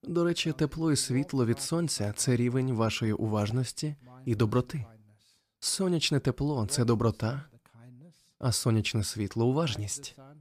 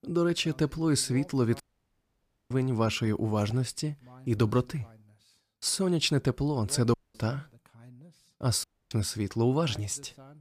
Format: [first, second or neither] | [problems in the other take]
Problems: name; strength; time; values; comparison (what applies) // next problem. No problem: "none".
first | audio cutting out; at 1.5 s for 1 s, at 7 s and at 8.5 s